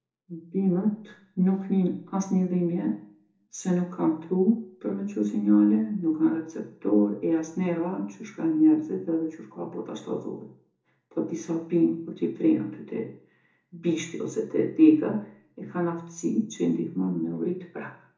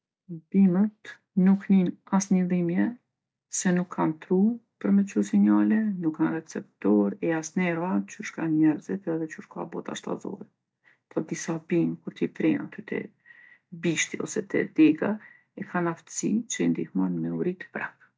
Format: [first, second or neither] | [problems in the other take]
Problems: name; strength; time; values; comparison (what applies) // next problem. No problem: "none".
second | room echo; dies away in 0.6 s